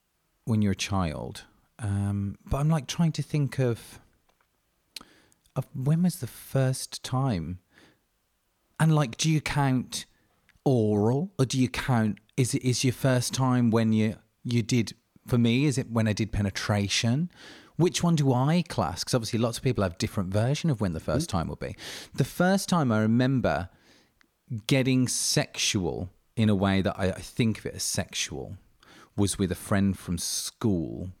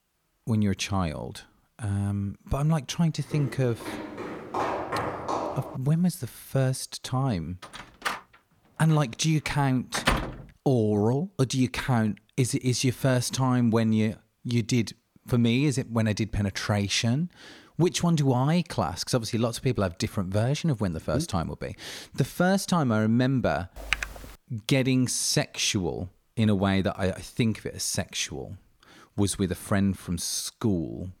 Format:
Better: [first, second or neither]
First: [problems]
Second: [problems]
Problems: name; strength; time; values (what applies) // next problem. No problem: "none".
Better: first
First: none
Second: footsteps; noticeable; from 3.5 to 6 s; peak 2 dB below the speech // door banging; loud; from 8 to 10 s; peak level with the speech // keyboard typing; noticeable; at 24 s; peak 3 dB below the speech